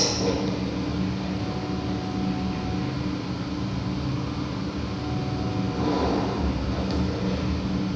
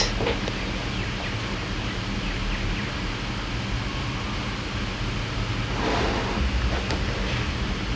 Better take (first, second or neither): second